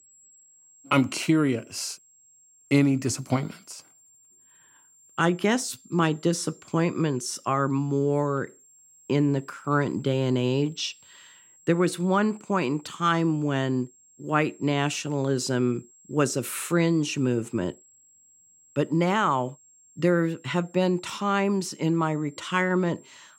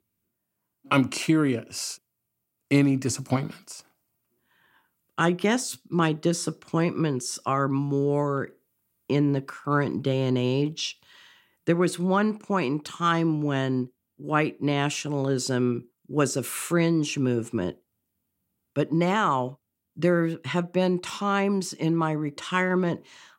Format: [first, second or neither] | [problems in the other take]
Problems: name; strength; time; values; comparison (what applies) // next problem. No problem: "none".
second | high-pitched whine; faint; throughout; 7.5 kHz, 30 dB below the speech